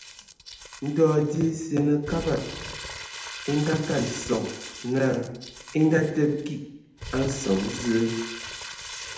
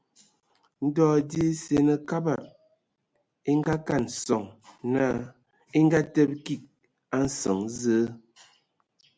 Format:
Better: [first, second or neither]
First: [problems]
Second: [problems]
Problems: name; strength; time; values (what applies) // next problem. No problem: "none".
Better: second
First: background sound (Crumpling, crinkling); 13 dB below the speech // room echo; dies away in 0.8 s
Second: none